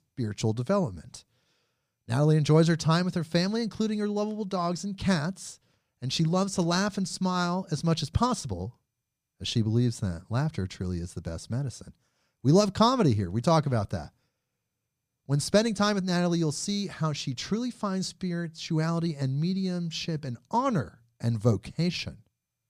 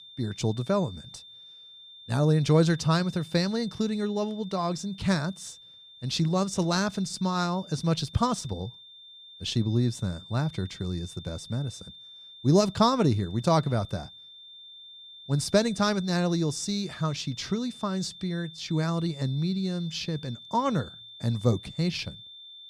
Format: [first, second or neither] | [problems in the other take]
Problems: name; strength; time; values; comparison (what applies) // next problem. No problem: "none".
first | high-pitched whine; noticeable; throughout; 3.5 kHz, 15 dB below the speech